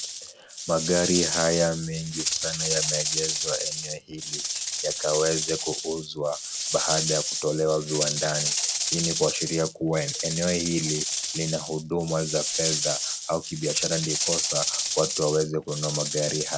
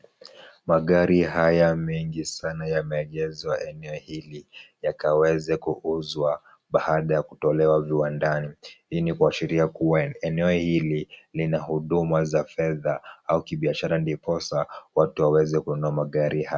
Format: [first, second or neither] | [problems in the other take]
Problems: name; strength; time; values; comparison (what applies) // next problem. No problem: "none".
second | background sound (Rattle / Rattle (instrument)); 1 dB below the speech